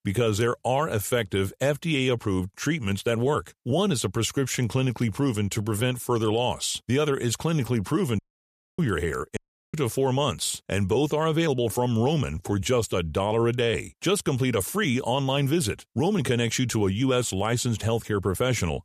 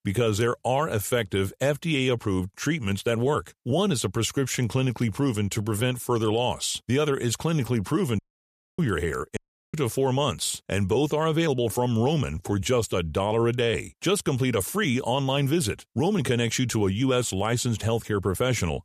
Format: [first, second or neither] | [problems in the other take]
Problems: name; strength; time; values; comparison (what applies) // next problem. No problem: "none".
neither | audio cutting out; at 8 s for 0.5 s and at 9.5 s; the same in both